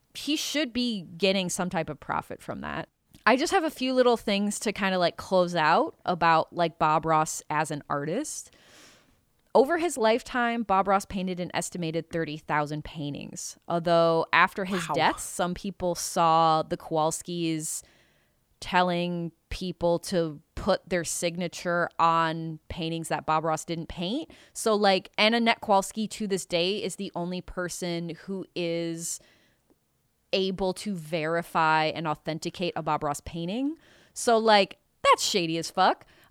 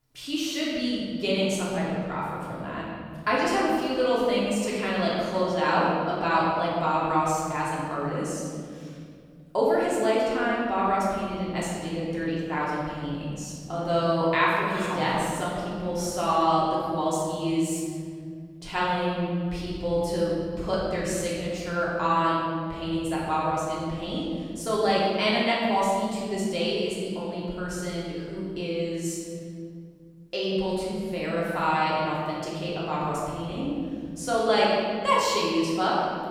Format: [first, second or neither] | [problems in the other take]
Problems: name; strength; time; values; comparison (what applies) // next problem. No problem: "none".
first | room echo; strong; dies away in 2.8 s // off-mic speech; far